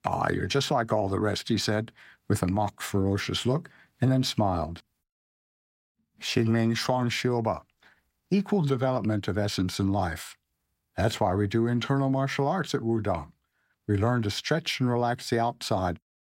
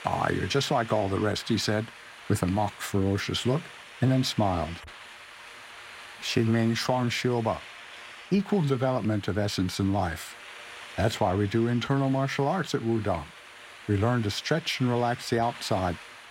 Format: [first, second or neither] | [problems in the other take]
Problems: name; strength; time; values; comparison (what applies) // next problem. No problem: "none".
first | hiss; noticeable; throughout; 15 dB below the speech